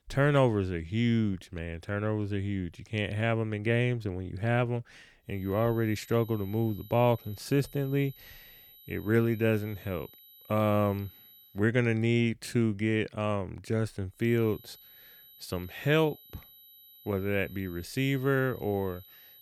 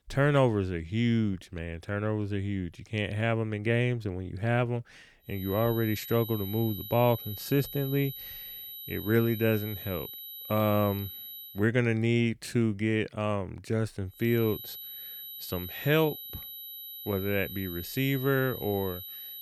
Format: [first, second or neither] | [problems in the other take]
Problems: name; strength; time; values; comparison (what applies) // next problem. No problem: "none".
first | high-pitched whine; loud; from 5.5 to 12 s and from 14 s on; 12 kHz, 10 dB below the speech; faint in the first